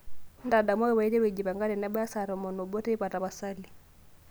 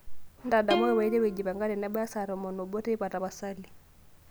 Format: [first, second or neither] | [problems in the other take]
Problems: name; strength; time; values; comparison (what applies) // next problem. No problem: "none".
first | background sound (Plucked string instrument); 8 dB below the speech